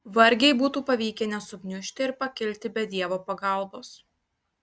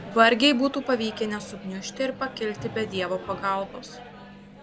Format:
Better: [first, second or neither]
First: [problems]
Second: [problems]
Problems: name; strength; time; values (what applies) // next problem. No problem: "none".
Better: first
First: none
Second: background sound (Microwave oven); 15 dB below the speech